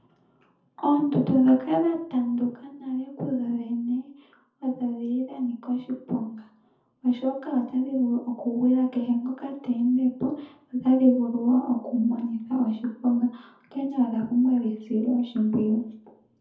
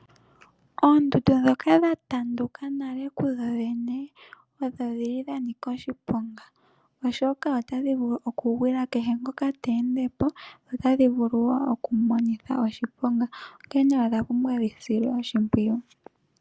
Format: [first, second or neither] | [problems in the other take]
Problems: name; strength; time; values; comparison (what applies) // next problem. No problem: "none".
second | room echo; dies away in 0.5 s